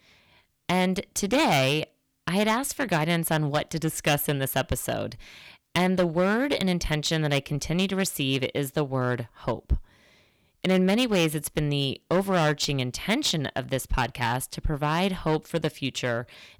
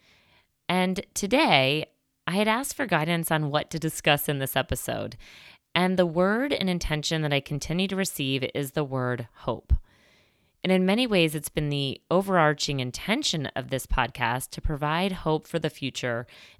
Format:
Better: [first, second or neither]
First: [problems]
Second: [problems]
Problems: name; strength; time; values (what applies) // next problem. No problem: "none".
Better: second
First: distortion; slight; 5% of the sound clipped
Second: none